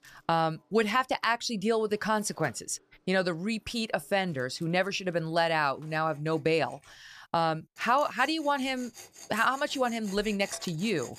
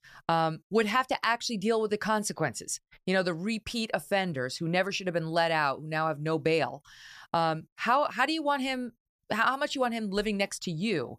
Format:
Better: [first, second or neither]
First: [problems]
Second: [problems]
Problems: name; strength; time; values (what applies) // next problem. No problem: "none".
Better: second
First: machinery noise; faint; throughout; 20 dB below the speech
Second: none